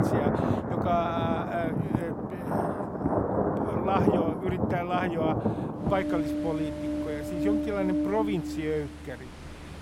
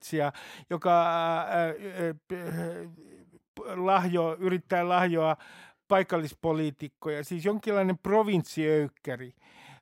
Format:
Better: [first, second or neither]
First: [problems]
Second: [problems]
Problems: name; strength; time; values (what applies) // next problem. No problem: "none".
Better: second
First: rain or running water; very loud; throughout; 3 dB above the speech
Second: none